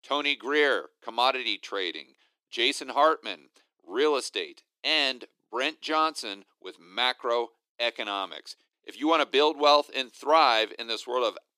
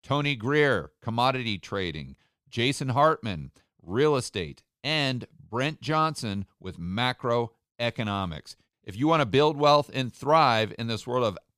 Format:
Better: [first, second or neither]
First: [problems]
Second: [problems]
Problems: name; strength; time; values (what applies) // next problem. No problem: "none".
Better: second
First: thin; somewhat; fading below 300 Hz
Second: none